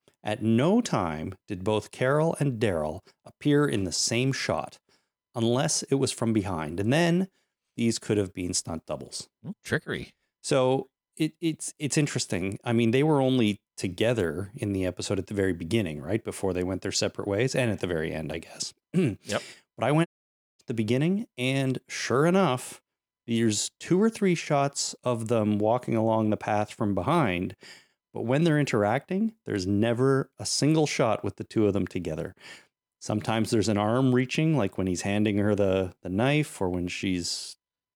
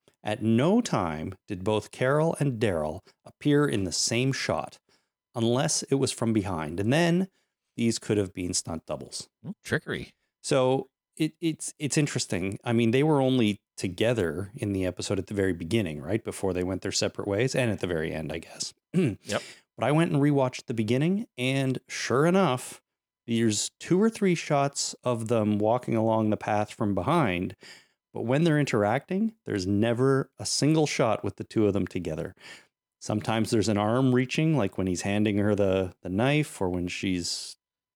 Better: second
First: audio cutting out; at 20 s for 0.5 s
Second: none

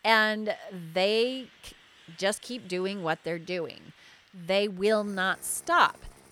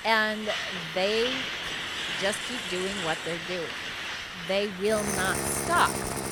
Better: first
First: traffic noise; faint; throughout; 25 dB below the speech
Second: traffic noise; loud; throughout; 2 dB below the speech

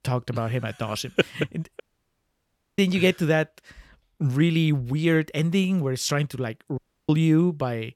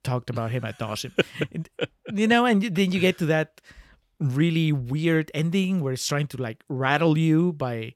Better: second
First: audio cutting out; at 2 s for 1 s and at 7 s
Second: none

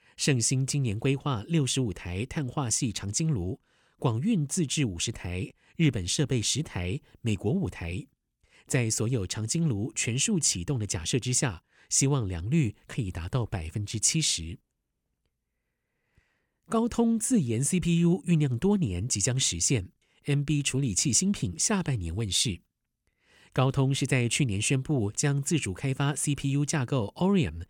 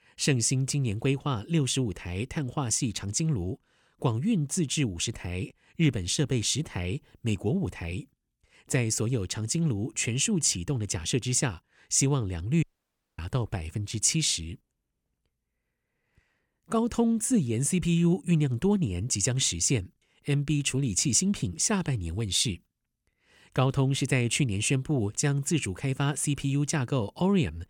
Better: first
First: none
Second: audio cutting out; at 13 s for 0.5 s

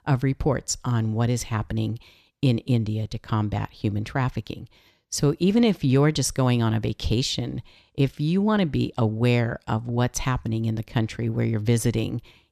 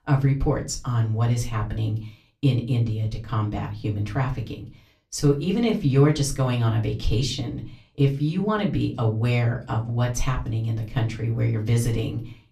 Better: first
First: none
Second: off-mic speech; far // room echo; very slight; dies away in 0.3 s

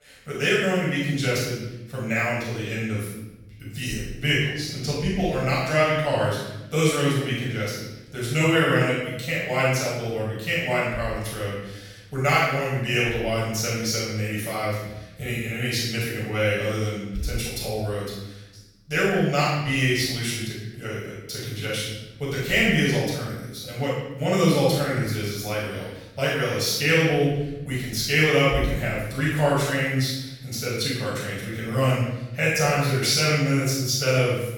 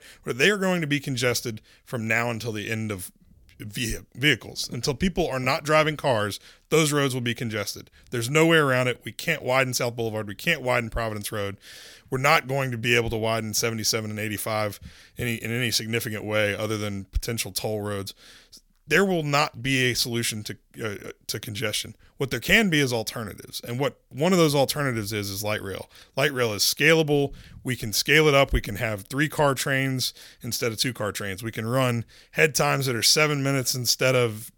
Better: second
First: off-mic speech; far // room echo; strong; dies away in 0.9 s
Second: none

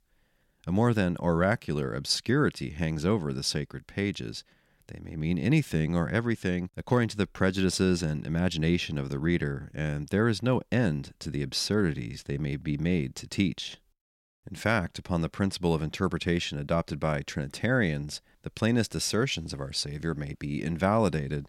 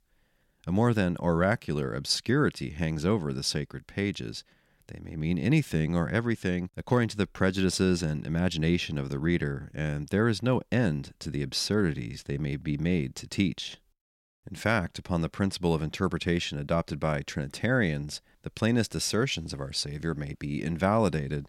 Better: neither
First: none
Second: none

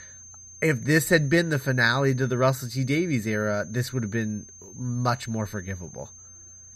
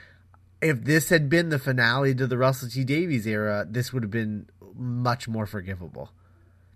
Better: second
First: high-pitched whine; noticeable; throughout; 6.5 kHz, 20 dB below the speech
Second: none

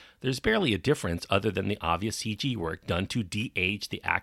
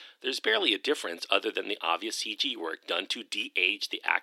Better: first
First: none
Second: thin; somewhat; fading below 300 Hz

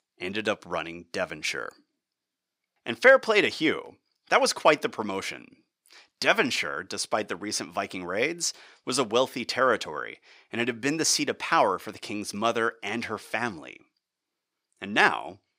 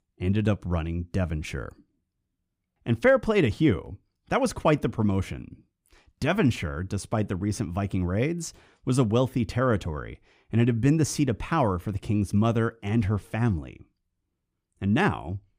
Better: second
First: thin; very; fading below 500 Hz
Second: none

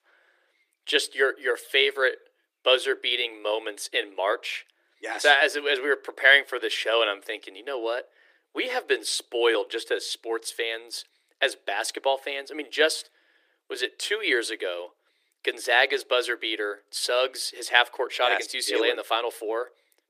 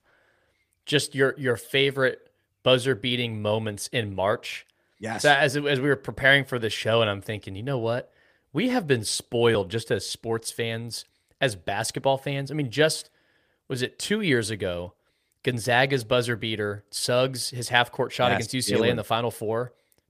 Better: second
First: thin; very; fading below 300 Hz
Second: none

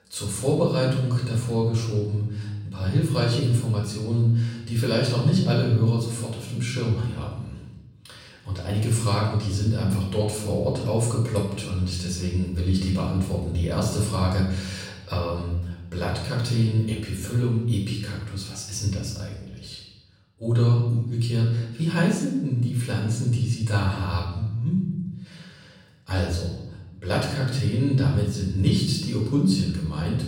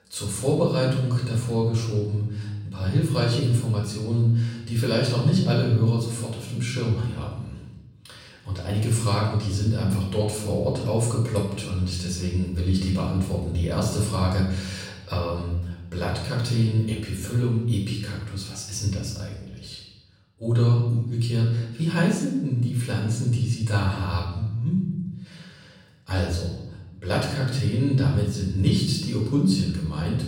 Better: neither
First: room echo; noticeable; dies away in 1 s // off-mic speech; far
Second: room echo; noticeable; dies away in 1 s // off-mic speech; far

